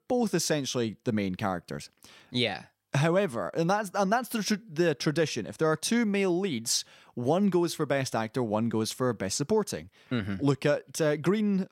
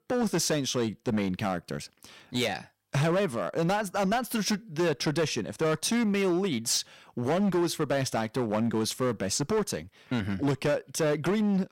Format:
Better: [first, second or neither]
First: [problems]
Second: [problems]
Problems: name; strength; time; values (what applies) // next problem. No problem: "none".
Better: first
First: none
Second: distortion; slight; 13% of the sound clipped